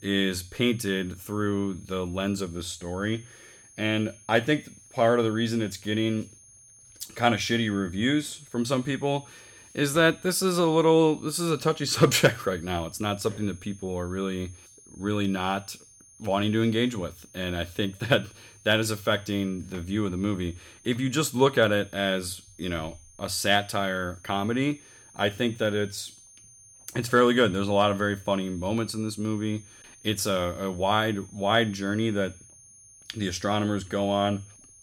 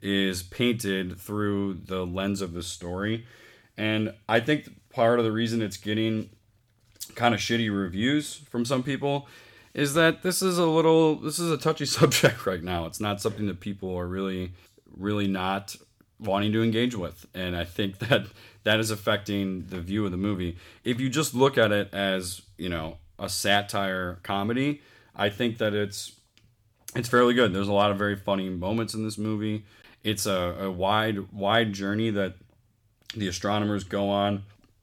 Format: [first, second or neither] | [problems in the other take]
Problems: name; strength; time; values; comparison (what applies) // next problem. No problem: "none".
second | high-pitched whine; faint; throughout; 6.5 kHz, 25 dB below the speech